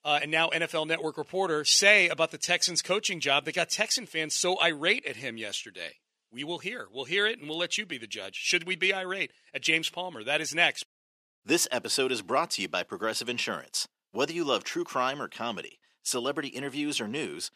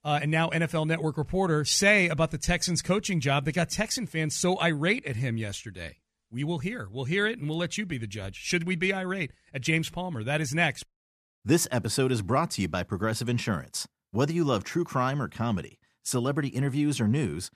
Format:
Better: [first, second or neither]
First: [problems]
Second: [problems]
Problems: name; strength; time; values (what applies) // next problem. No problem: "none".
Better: second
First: thin; somewhat; fading below 400 Hz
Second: none